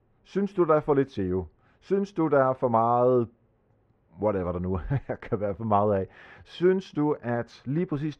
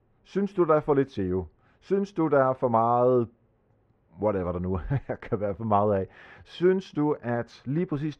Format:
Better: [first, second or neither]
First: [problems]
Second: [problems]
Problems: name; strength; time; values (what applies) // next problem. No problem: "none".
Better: neither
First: muffled; very; fading above 1.5 kHz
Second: muffled; very; fading above 1.5 kHz